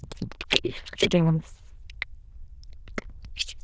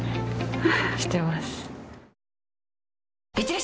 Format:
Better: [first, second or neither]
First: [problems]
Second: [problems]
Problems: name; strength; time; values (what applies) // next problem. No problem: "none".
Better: second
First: noise reduction (neural diffusion model UNIVERSE++)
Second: none